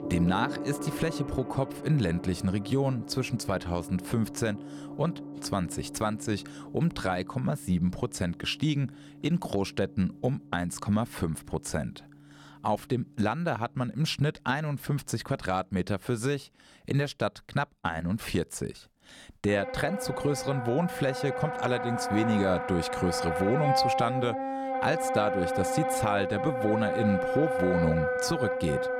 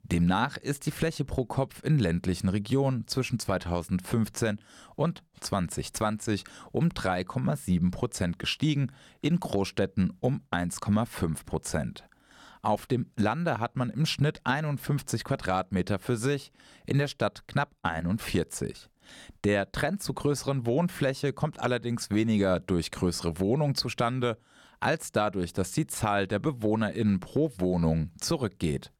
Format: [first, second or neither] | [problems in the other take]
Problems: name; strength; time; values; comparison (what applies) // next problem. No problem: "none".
second | background music; loud; throughout; 3 dB below the speech